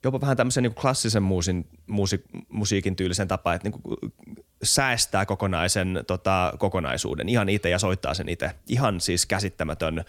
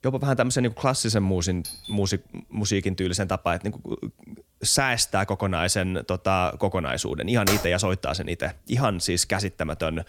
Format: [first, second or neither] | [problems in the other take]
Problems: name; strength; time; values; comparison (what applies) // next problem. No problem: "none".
first | doorbell; faint; at 1.5 s; peak 10 dB below the speech // keyboard typing; noticeable; at 7.5 s; peak 1 dB below the speech